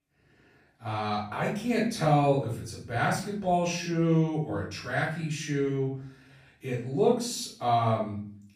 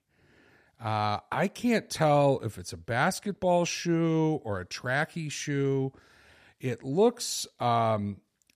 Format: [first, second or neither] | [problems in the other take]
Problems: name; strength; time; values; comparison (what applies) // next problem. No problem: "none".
second | off-mic speech; far // room echo; noticeable; dies away in 0.5 s